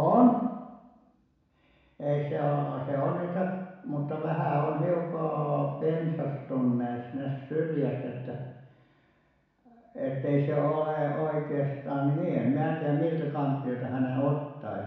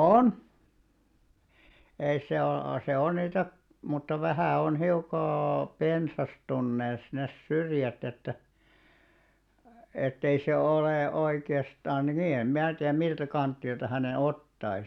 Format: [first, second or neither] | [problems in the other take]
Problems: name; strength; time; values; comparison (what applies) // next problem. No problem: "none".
second | room echo; dies away in 1.1 s